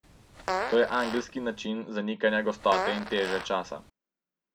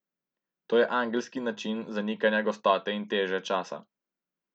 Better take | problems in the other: second | background sound (Fart); 6 dB below the speech

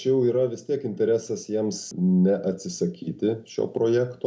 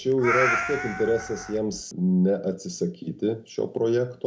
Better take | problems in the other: first | background sound (Meow); 3 dB below the speech

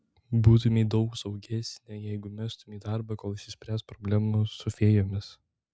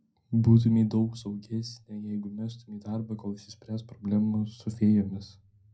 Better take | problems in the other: first | room echo; dies away in 0.2 s

